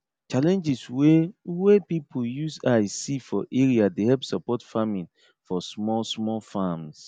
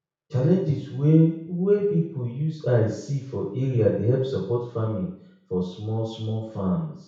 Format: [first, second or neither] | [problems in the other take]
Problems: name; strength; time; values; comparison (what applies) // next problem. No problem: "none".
first | room echo; dies away in 0.6 s